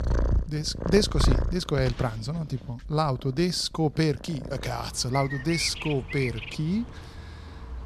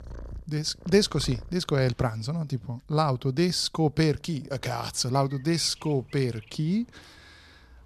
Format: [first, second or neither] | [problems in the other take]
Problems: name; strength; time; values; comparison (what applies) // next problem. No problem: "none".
second | animal sounds; loud; throughout; 5 dB below the speech; faint in the second